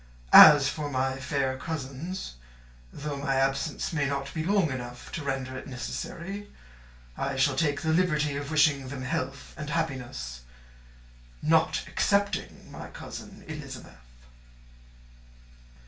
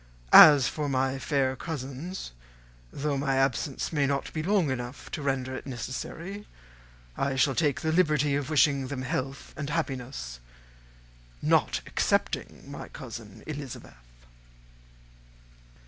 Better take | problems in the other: second | room echo; dies away in 0.3 s

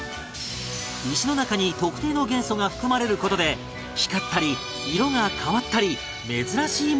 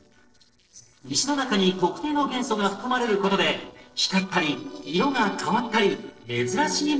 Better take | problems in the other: first | noise reduction (neural separator model SepFormer DNS4)

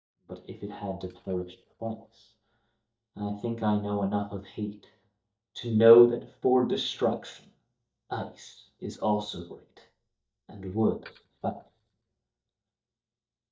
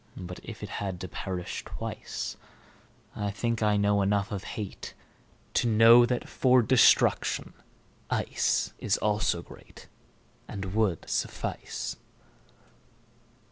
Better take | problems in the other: second | noise reduction (neural mask model DeepFilterNet 3)

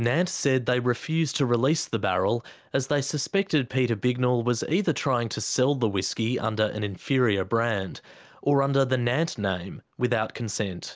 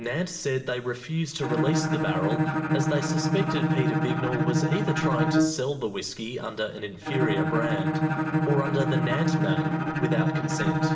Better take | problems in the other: first | background sound (Bowed string instrument); 4 dB above the speech // room echo; dies away in 2.5 s

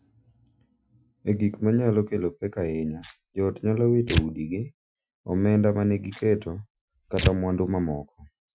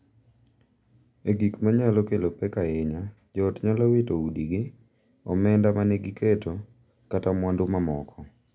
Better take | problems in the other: second | noise reduction (classical method Wiener filter)

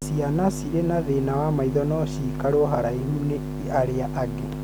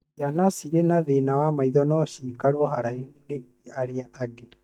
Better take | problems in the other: first | noise reduction (neural mask model DeepFilterNet 3)

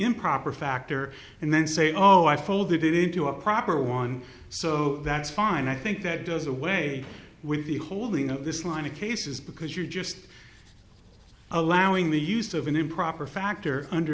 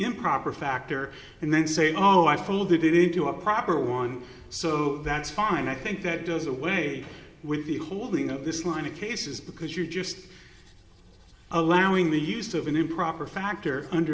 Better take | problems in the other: first | room echo; dies away in 1.4 s

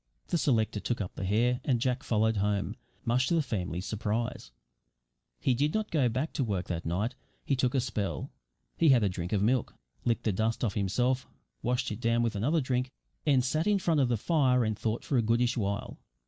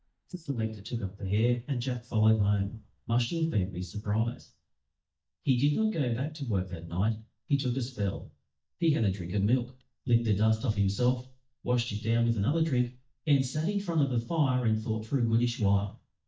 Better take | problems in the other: first | noise reduction (neural mask model DeepFilterNet 3)

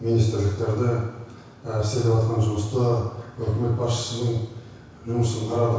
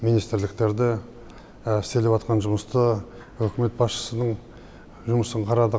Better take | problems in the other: second | room echo; dies away in 1.1 s

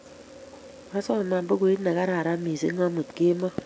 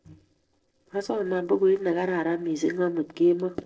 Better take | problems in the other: first | noise reduction (neural separator model SepFormer DNS4)

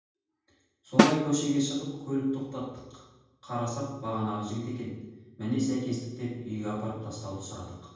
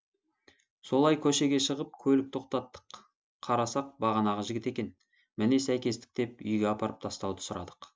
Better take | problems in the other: second | background sound (Snare drum); 4 dB above the speech // room echo; dies away in 1.2 s

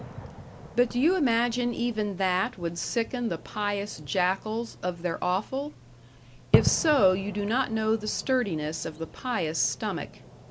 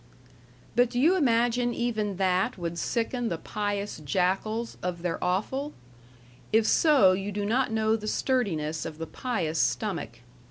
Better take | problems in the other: second | background sound (Fireworks); 9 dB below the speech

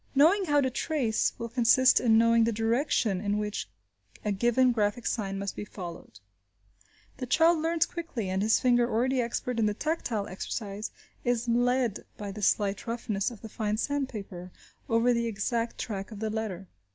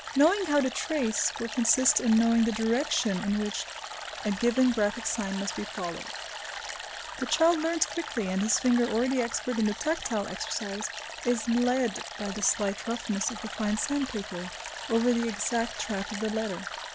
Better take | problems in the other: first | background sound (Stream); 10 dB below the speech

